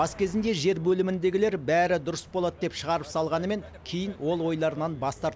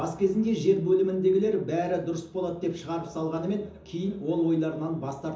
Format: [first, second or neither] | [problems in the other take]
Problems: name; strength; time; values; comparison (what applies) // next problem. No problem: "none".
first | room echo; dies away in 0.6 s